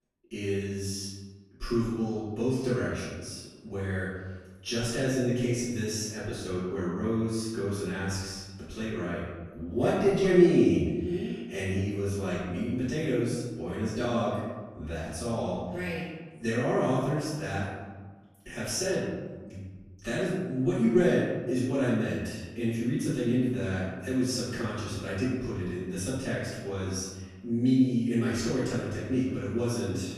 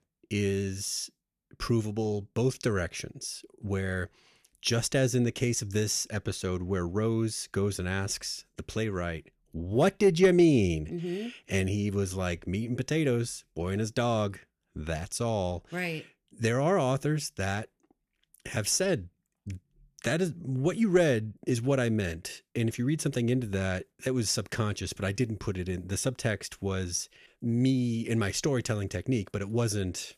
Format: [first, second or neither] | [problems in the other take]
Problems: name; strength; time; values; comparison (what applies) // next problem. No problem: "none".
second | off-mic speech; far // room echo; strong; dies away in 1.2 s